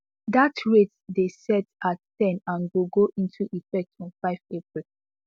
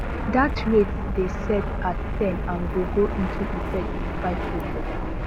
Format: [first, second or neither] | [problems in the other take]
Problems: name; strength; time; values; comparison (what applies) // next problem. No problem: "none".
first | background sound (Fixed-wing aircraft, airplane); 1 dB below the speech